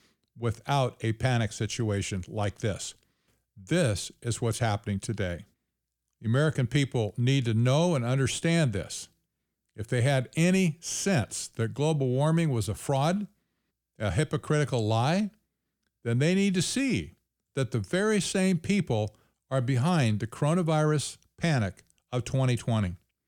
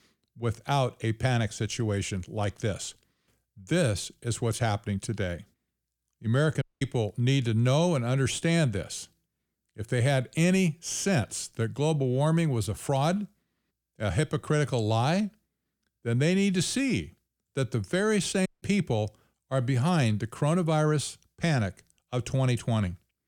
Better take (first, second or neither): first